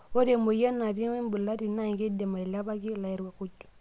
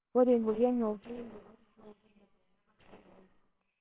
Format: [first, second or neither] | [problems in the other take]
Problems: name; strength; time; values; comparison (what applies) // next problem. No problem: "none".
first | noise reduction (neural separator model SepFormer WHAMR!)